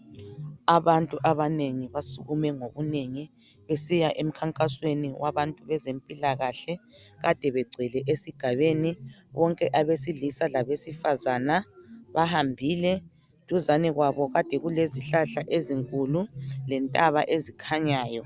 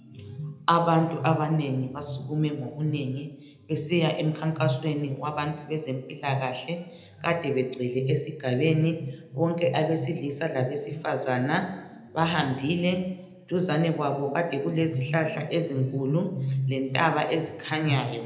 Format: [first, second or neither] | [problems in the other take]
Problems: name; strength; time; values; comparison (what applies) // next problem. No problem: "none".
first | room echo; dies away in 0.8 s